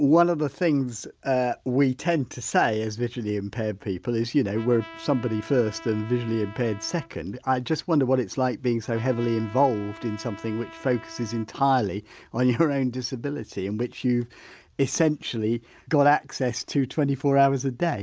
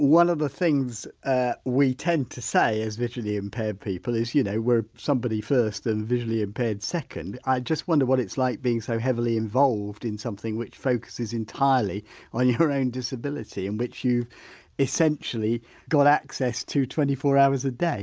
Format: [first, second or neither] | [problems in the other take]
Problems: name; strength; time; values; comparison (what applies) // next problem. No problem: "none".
second | background sound (Trumpet); 19 dB below the speech